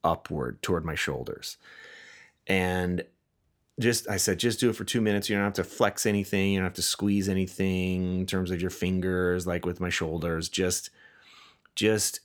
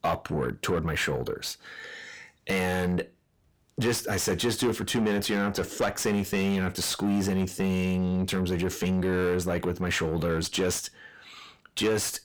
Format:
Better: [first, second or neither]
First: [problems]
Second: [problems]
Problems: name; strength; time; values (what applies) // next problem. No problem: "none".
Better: first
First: none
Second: distortion; heavy; 7 dB below the speech